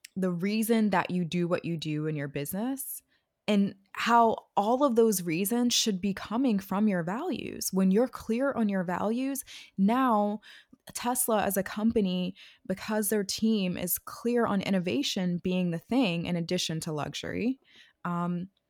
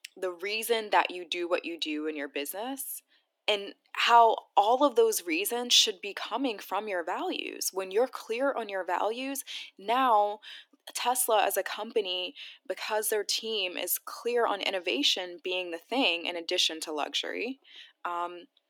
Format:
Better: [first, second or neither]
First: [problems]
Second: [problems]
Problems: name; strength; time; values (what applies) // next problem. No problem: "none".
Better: first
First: none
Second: thin; very; fading below 300 Hz